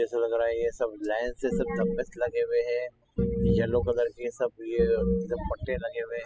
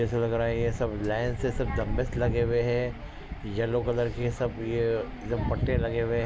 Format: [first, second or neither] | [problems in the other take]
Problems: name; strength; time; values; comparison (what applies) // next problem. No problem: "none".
second | noise reduction (classical method spectral subtraction)